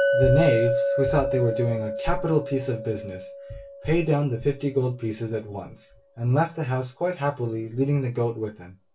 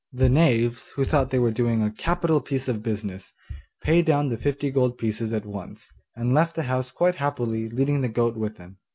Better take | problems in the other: second | background sound (Chink, clink); 4 dB below the speech // room echo; dies away in 0.2 s

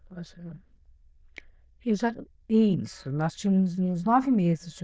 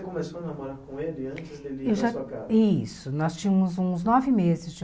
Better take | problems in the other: second | noise reduction (neural diffusion model UNIVERSE++)

